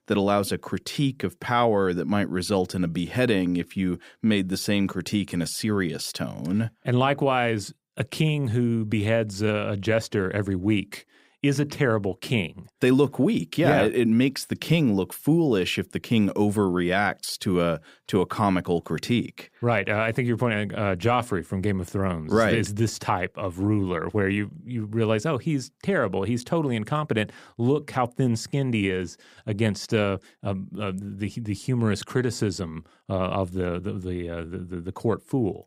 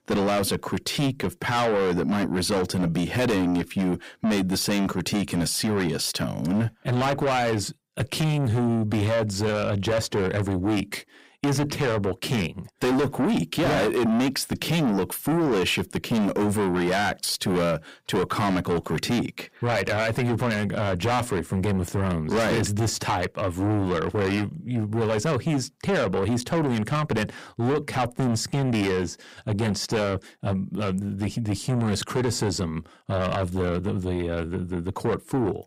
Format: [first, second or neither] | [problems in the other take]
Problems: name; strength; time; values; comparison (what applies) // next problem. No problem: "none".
first | distortion; heavy; 6 dB below the speech